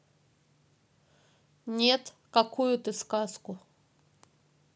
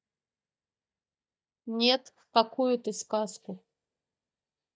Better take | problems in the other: first | noise reduction (neural mask model DeepFilterNet 3)

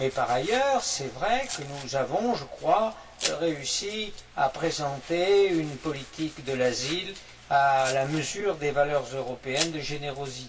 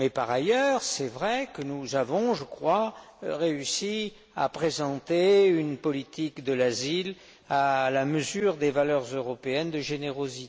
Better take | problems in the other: second | background sound (Domestic sounds, home sounds); 14 dB below the speech // room echo; dies away in 0.2 s

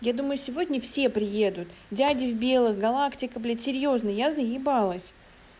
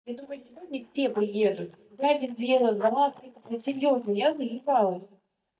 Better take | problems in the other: first | noise reduction (neural mask model DeepFilterNet 3)

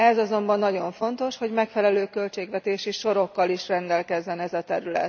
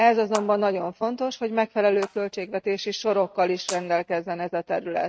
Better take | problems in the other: first | noise reduction (neural mask model RNNoise)

